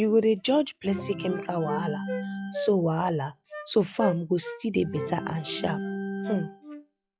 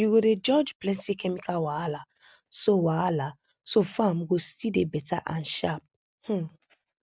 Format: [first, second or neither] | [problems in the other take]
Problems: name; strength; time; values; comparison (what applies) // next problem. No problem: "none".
second | noise reduction (classical method log-MMSE)